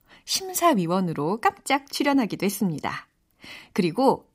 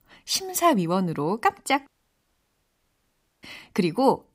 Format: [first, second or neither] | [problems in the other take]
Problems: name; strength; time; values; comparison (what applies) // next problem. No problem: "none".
first | audio cutting out; at 2 s for 1.5 s